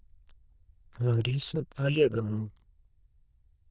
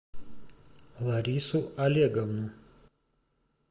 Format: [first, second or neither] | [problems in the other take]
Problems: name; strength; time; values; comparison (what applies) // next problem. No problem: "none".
second | noise reduction (neural diffusion model UNIVERSE++)